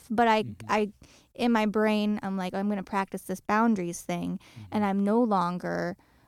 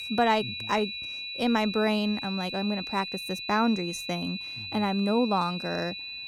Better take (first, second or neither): first